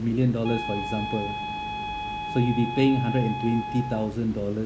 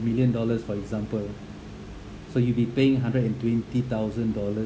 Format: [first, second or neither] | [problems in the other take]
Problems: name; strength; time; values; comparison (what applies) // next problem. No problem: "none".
second | background sound (Wind instrument, woodwind instrument); 8 dB below the speech